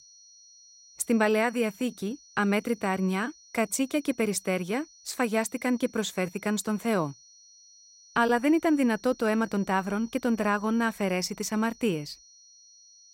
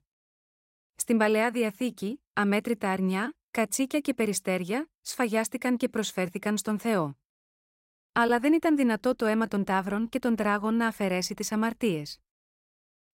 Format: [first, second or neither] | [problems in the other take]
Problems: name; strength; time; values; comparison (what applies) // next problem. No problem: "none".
second | high-pitched whine; faint; throughout; 6 kHz, 25 dB below the speech